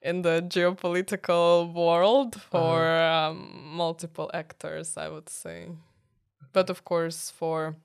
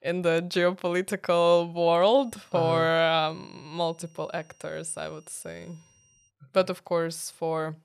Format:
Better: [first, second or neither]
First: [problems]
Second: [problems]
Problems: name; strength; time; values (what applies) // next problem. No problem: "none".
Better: first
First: none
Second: high-pitched whine; faint; from 2 to 6.5 s; 5.5 kHz, 35 dB below the speech